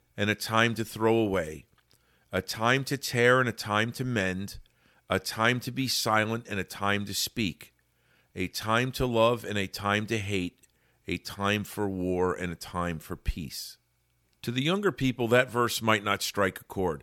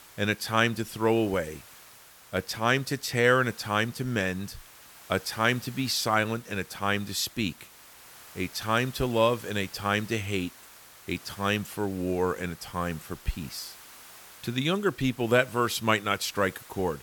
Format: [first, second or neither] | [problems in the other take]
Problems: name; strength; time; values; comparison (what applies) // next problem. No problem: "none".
first | hiss; faint; throughout; 20 dB below the speech